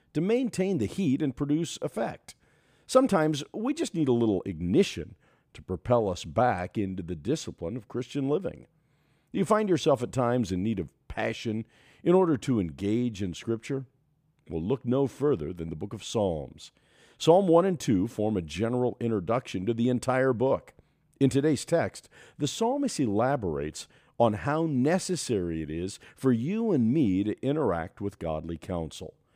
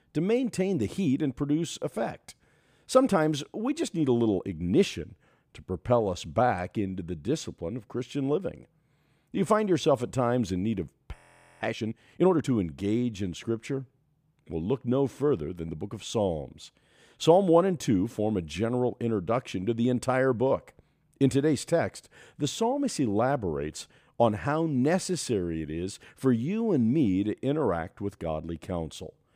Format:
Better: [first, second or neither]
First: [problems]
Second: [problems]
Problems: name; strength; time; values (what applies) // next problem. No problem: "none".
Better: first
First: none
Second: audio freezing; at 11 s